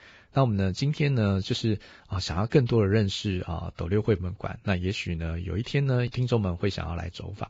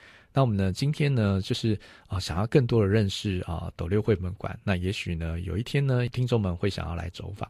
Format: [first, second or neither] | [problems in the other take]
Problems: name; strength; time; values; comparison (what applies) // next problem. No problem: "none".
second | garbled, watery; badly; nothing above 7.5 kHz; slightly in the second